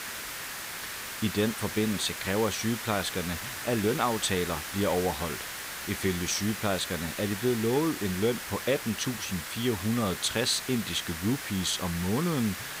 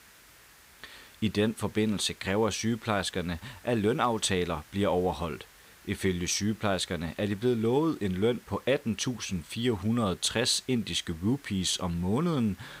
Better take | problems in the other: second | hiss; loud; throughout; 6 dB below the speech; faint in the second

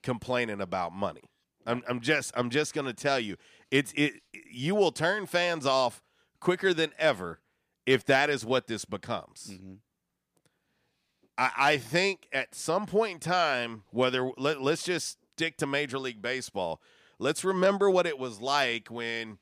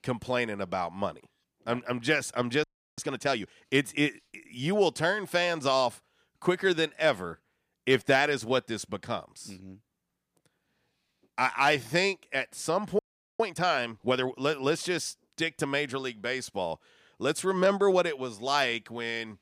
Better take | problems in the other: first | audio freezing; at 2.5 s and at 13 s

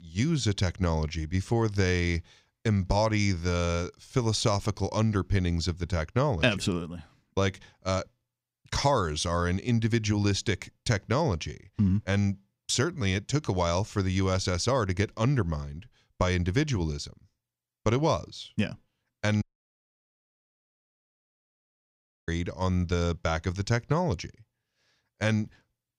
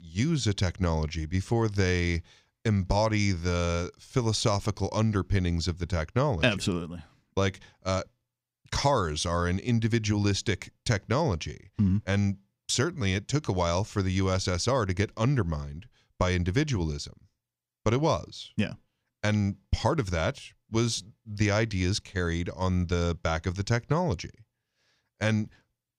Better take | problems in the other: second | audio cutting out; at 19 s for 3 s

